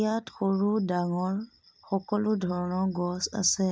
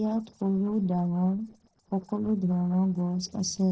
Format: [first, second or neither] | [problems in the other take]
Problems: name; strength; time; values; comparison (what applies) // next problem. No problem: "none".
first | noise reduction (neural separator model SepFormer DNS4)